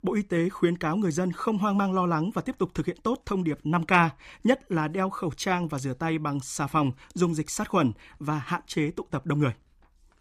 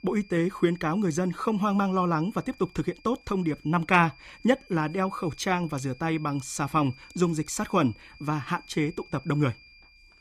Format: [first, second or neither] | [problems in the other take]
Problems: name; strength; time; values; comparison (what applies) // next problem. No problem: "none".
first | high-pitched whine; faint; throughout; 2.5 kHz, 25 dB below the speech